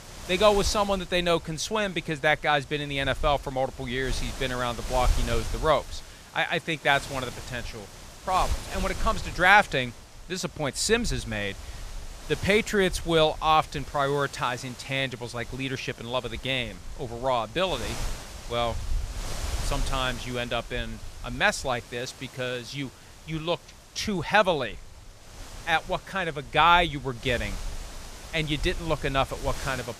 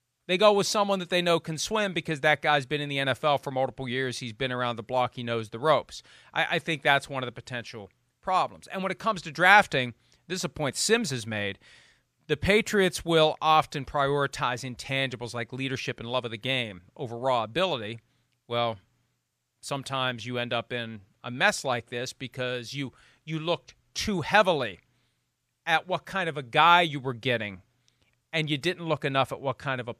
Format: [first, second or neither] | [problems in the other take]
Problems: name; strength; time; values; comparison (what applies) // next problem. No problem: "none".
second | wind noise on the microphone; occasional gusts; 15 dB below the speech